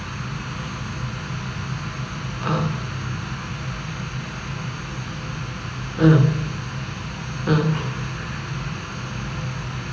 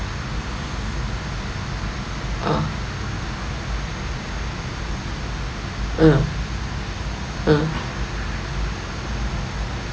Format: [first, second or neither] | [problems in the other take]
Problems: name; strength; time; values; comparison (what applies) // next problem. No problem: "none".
second | room echo; dies away in 0.8 s